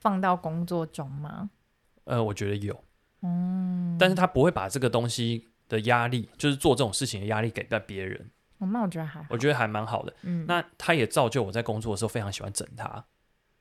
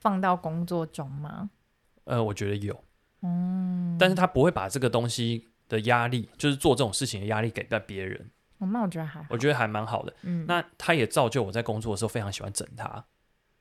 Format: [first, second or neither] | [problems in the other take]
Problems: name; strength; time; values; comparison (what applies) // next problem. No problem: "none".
neither | none